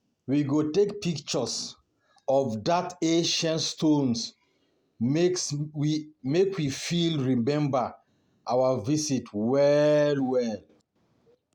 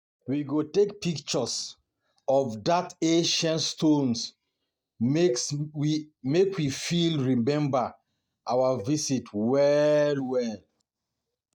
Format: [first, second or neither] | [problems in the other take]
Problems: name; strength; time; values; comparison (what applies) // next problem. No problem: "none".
first | noise reduction (neural mask model DeepFilterNet 3)